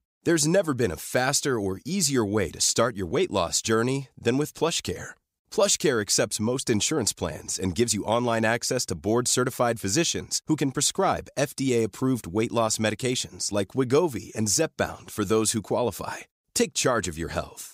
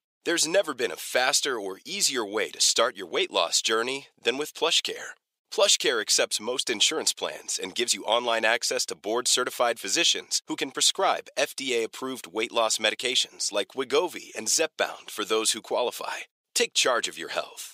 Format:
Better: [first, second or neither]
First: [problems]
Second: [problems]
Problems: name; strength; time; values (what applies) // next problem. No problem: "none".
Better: first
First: none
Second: thin; somewhat; fading below 500 Hz